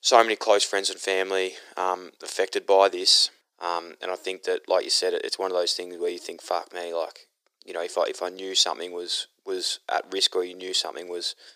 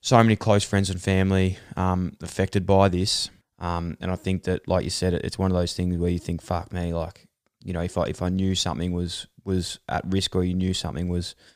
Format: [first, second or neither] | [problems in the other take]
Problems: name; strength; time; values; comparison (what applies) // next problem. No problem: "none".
second | thin; very; fading below 350 Hz